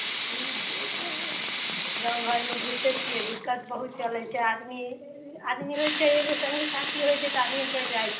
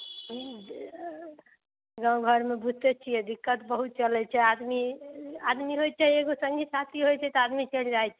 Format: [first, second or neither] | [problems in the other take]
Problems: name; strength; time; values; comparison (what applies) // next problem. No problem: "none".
second | background sound (Sink (filling or washing) / Water tap, faucet / Liquid); 2 dB below the speech // room echo; dies away in 0.5 s